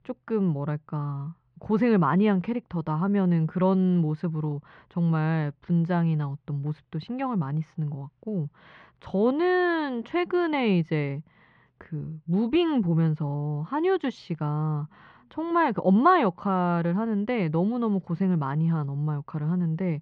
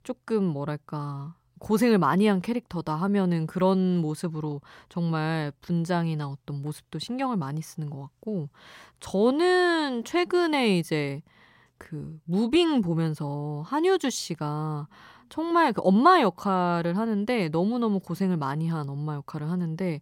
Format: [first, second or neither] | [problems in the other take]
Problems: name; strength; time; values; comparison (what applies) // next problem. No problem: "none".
second | muffled; slightly; fading above 3 kHz